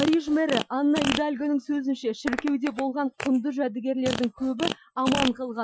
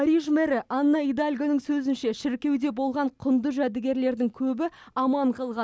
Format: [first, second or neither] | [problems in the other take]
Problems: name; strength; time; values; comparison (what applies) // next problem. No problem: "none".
second | noise reduction (classical method Wiener filter)